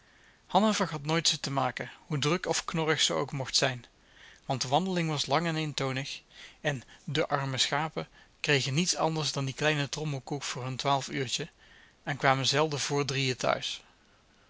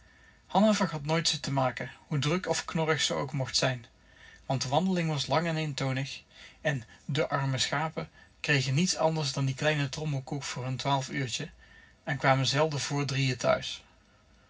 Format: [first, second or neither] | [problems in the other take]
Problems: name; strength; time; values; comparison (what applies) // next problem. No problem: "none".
first | room echo; dies away in 0.4 s